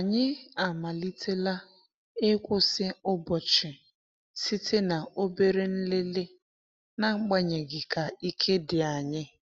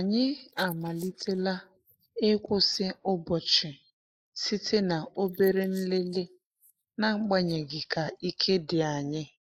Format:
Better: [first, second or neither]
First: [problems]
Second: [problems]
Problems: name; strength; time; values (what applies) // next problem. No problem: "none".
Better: first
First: none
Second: noise reduction (neural mask model Resemble Enhance denoiser)